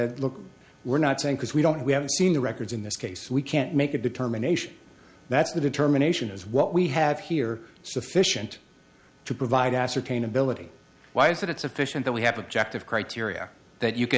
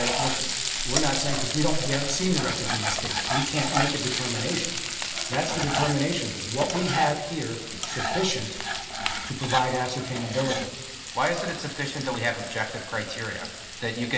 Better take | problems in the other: first | background sound (Frying (food)); 1 dB below the speech // room echo; dies away in 2.6 s

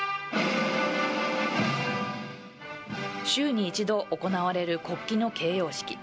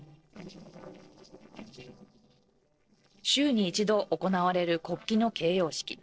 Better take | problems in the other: first | noise reduction (neural separator model SepFormer DNS4)

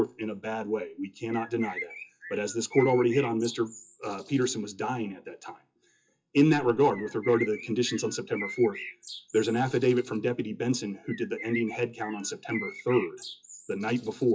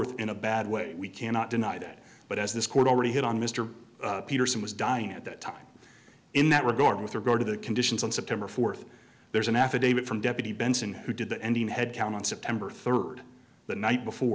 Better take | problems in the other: second | noise reduction (classical method WPE with log-MMSE)

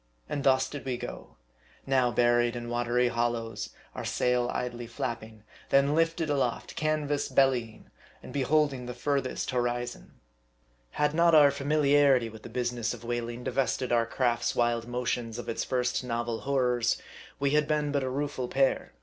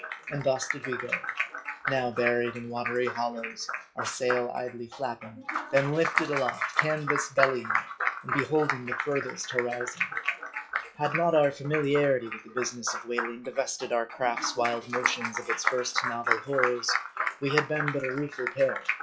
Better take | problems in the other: first | noise reduction (classical method log-MMSE)

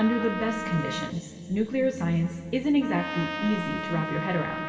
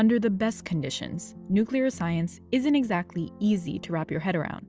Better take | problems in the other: second | background sound (Trumpet); 8 dB below the speech // room echo; dies away in 2.4 s

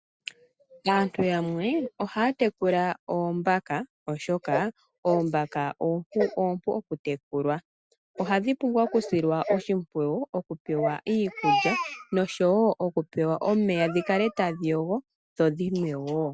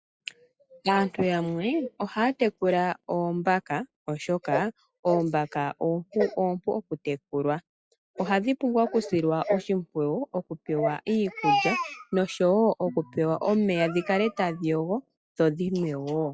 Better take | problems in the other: first | noise reduction (classical method log-MMSE)

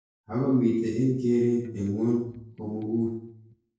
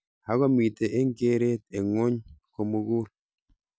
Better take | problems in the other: second | noise reduction (neural separator model SepFormer DNS4)

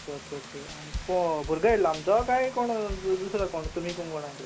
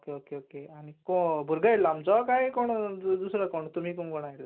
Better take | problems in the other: second | background sound (Vehicle + Drum / Drum kit); 12 dB below the speech

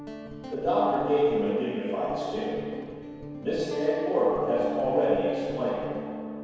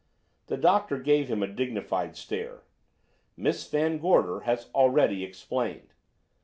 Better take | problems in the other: second | background sound (Guitar); 10 dB below the speech // room echo; dies away in 1.9 s

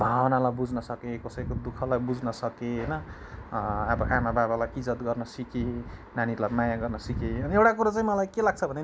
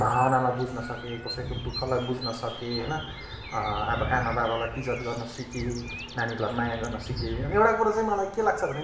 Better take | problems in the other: first | background sound (Bird vocalization, bird call, bird song); 14 dB below the speech // room echo; dies away in 0.7 s

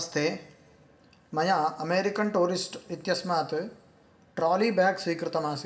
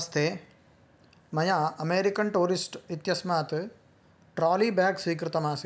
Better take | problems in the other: second | room echo; dies away in 0.7 s

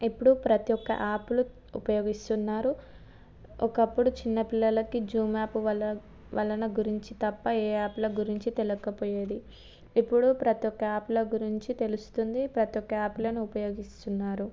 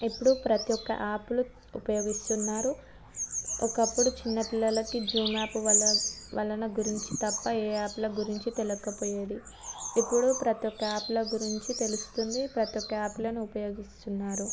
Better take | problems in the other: first | background sound (Bird vocalization, bird call, bird song); 5 dB below the speech

